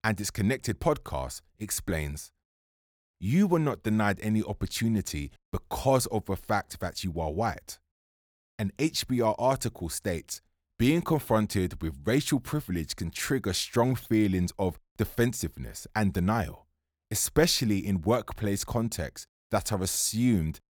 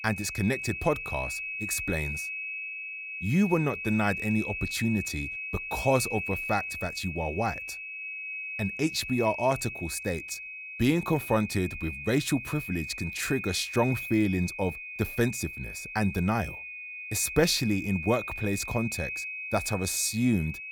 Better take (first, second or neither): first